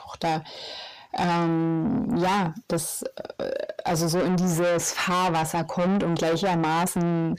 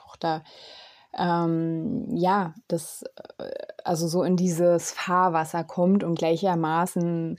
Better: second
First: distortion; heavy; 6 dB below the speech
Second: none

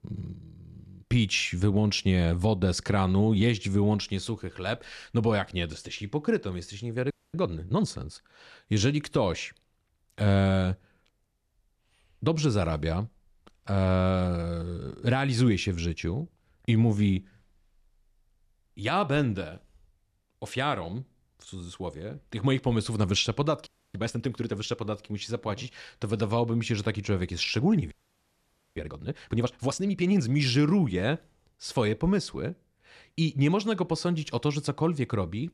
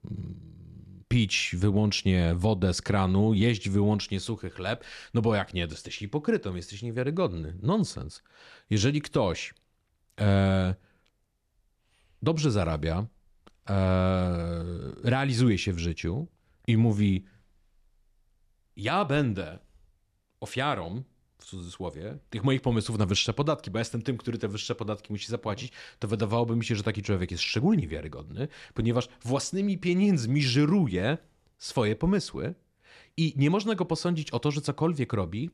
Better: second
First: audio freezing; at 7 s, at 24 s and at 28 s for 1 s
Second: none

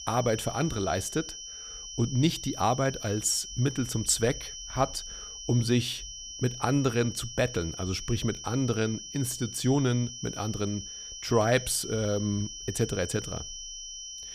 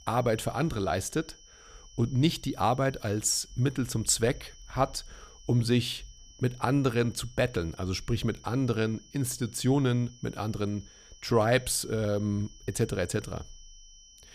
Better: second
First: high-pitched whine; loud; throughout; 6 kHz, 10 dB below the speech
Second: high-pitched whine; faint; throughout; 6 kHz, 25 dB below the speech

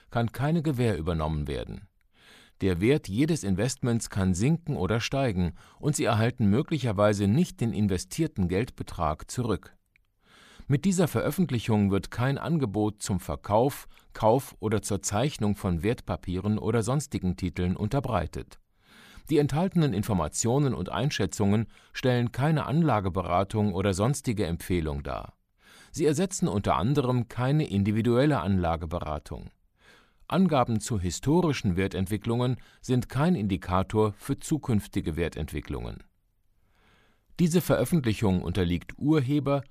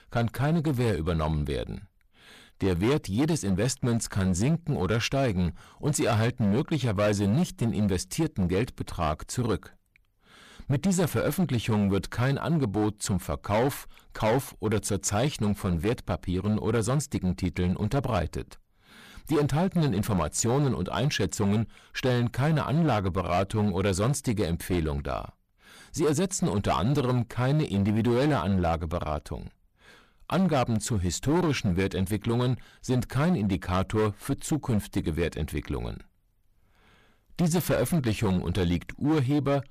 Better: first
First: none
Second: distortion; slight; 11% of the sound clipped

